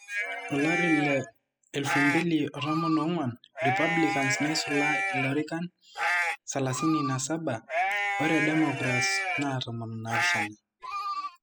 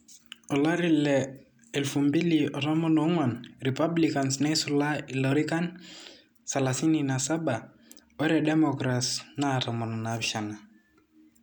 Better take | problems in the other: second | noise reduction (classical method spectral subtraction)

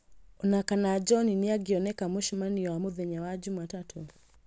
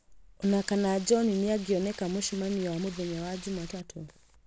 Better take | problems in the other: first | background sound (Stream); 17 dB below the speech

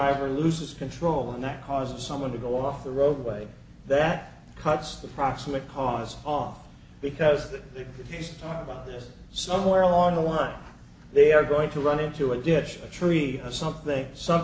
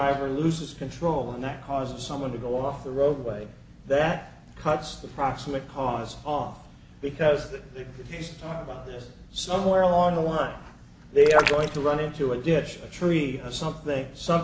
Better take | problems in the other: first | background sound (Raindrop); 3 dB below the speech

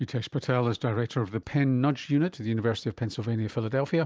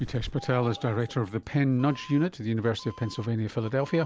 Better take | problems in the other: first | background sound (Doorbell); 18 dB below the speech

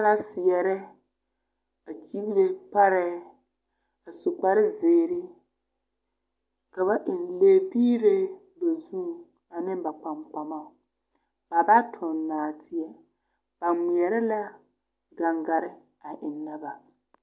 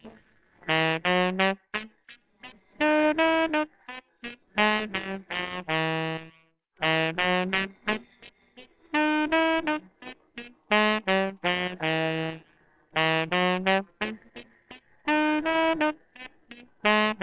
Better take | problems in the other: first | noise reduction (neural separator model SepFormer WHAMR!)

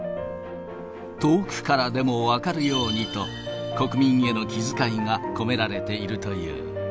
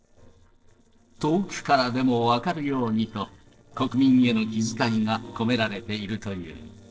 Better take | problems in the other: first | noise reduction (neural separator model SepFormer DNS4)

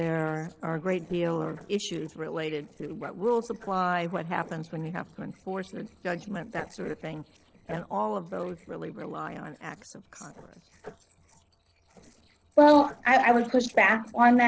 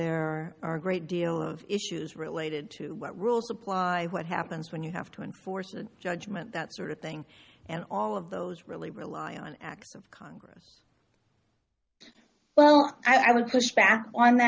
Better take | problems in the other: second | noise reduction (neural separator model SepFormer DNS4)

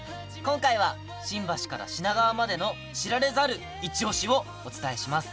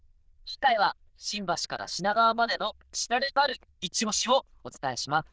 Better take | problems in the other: first | noise reduction (neural diffusion model UNIVERSE++)

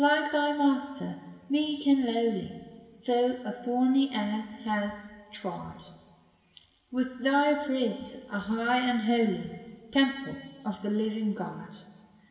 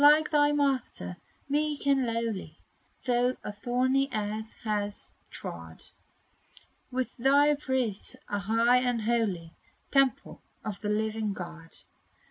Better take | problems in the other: second | room echo; dies away in 1.9 s

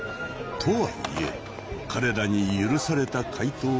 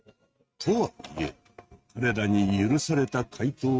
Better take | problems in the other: first | noise reduction (neural mask model RNNoise)

